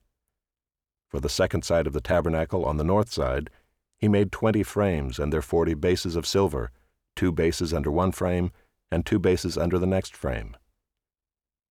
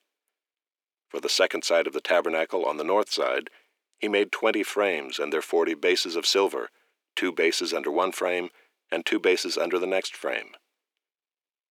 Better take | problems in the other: first | thin; somewhat; fading below 300 Hz

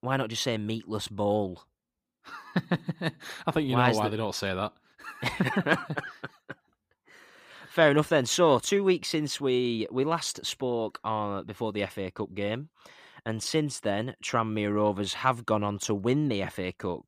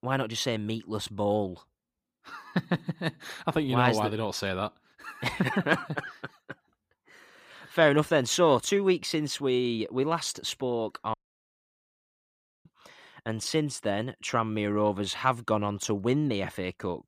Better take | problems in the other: first | audio cutting out; at 11 s for 1.5 s

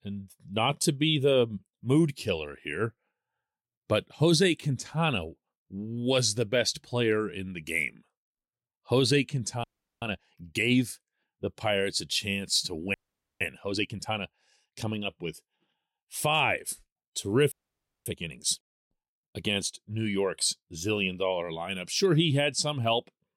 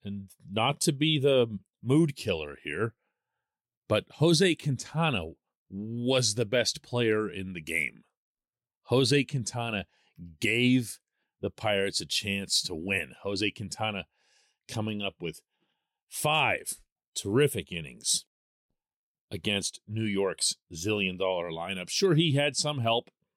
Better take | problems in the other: second | audio freezing; at 9.5 s, at 13 s and at 18 s for 0.5 s

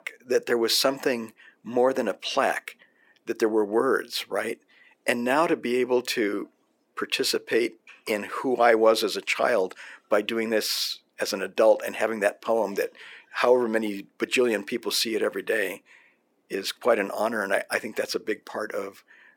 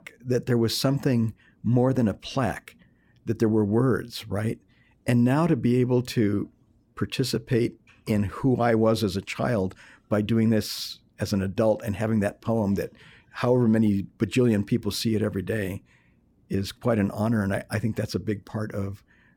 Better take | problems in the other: second | thin; very; fading below 400 Hz

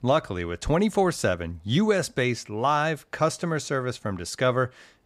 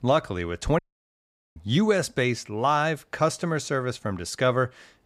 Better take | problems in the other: first | audio cutting out; at 1 s for 1 s

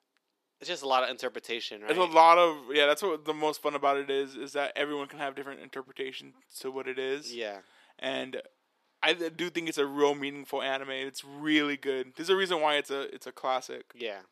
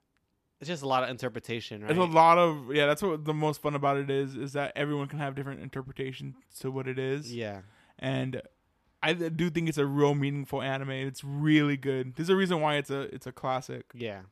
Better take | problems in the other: second | thin; somewhat; fading below 350 Hz

